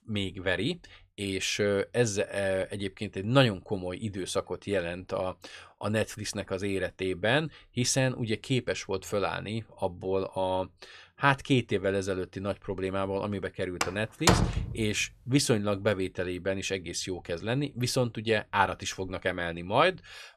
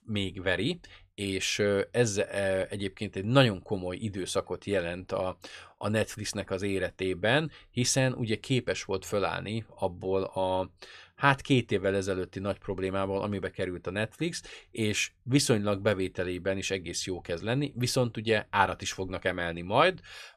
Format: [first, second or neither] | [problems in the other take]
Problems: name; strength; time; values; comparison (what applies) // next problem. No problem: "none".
second | door banging; loud; at 14 s; peak 6 dB above the speech